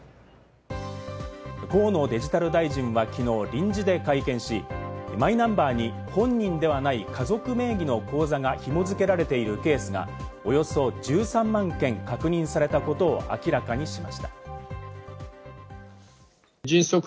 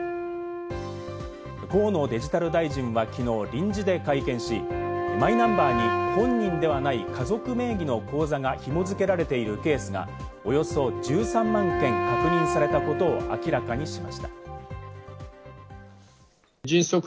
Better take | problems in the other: first | background sound (Wind instrument, woodwind instrument); 5 dB below the speech

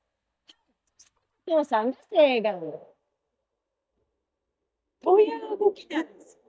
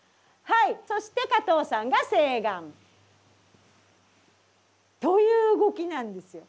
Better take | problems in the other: second | noise reduction (neural mask model DeepFilterNet 3)

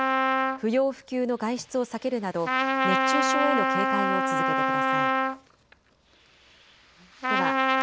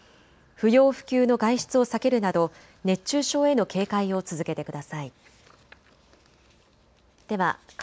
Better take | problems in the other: second | background sound (Trumpet); 5 dB above the speech

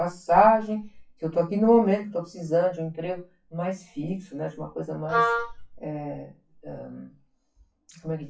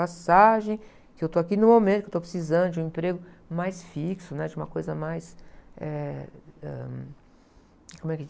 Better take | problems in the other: second | noise reduction (classical method WPE with log-MMSE)

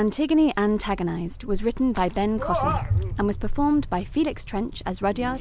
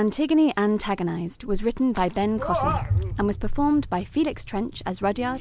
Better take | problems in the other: second | background sound (Sliding door); 14 dB below the speech

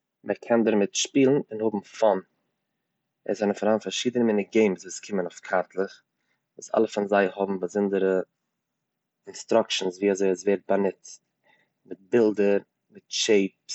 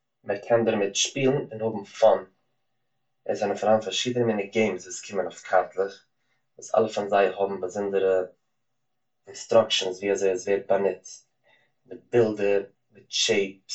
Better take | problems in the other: first | room echo; dies away in 0.2 s

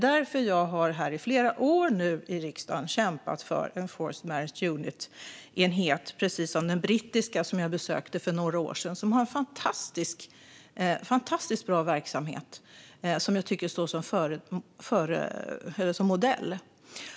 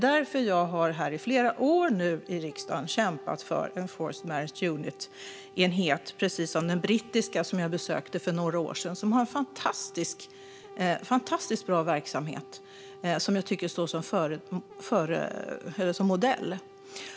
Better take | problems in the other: first | background sound (Brass instrument); 19 dB below the speech

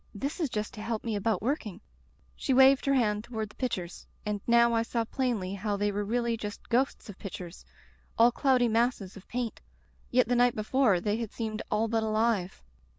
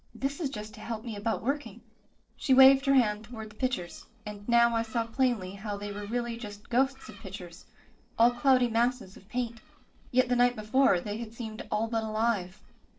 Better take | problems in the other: first | noise reduction (neural separator model SepFormer DNS4)

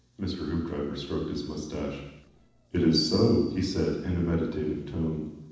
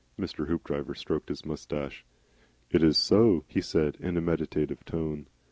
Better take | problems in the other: second | noise reduction (neural separator model SepFormer DNS4)

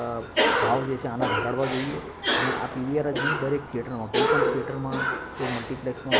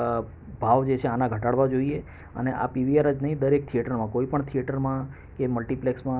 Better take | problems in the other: second | background sound (Cough); 2 dB above the speech

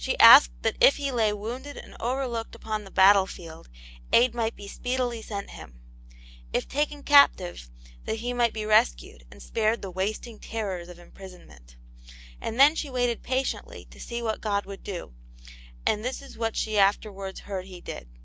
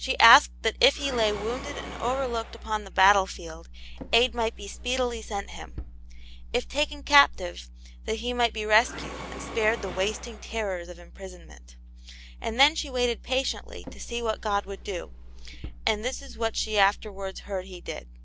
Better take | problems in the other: first | background sound (Mechanisms + Drawer open or close); 14 dB below the speech

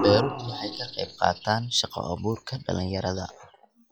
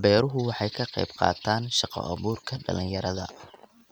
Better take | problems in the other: second | noise reduction (classical method log-MMSE)

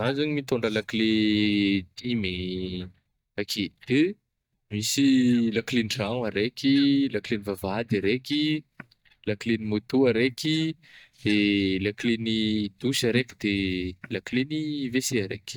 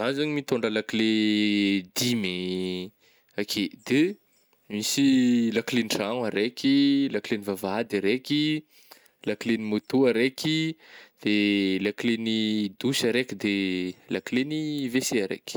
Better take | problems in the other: second | noise reduction (neural mask model DeepFilterNet 3)

